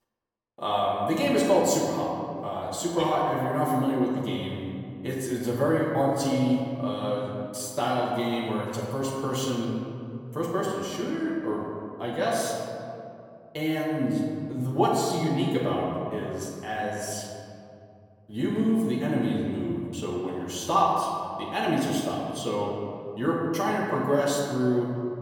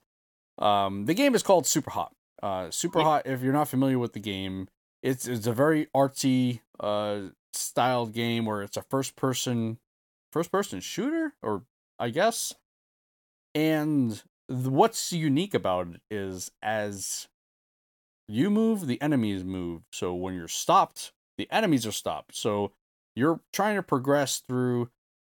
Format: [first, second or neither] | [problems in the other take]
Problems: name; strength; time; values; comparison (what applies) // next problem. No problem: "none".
second | off-mic speech; far // room echo; noticeable; dies away in 2.3 s